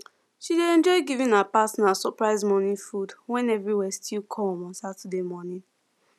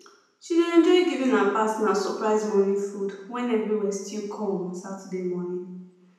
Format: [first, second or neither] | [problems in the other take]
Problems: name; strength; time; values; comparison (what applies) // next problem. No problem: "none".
first | room echo; dies away in 0.9 s